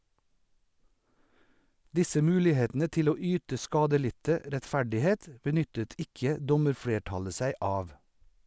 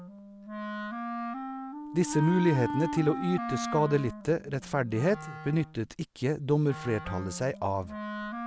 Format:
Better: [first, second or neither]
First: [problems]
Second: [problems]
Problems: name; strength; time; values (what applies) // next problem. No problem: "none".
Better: first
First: none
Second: background sound (Wind instrument, woodwind instrument); 8 dB below the speech